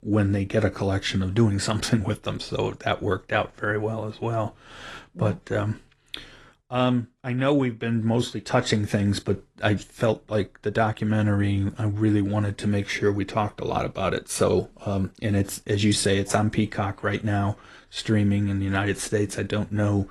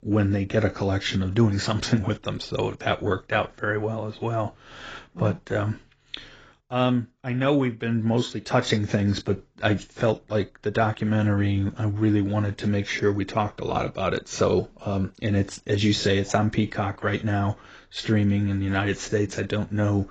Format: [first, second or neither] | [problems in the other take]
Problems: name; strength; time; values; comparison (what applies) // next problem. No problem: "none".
first | garbled, watery; badly; nothing above 7.5 kHz; slightly in the first